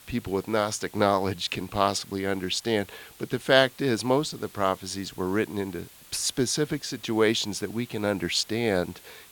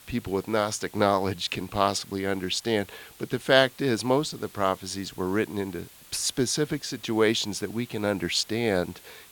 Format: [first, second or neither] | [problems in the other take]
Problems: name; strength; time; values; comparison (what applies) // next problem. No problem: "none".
neither | hiss; faint; throughout; 20 dB below the speech; the same in both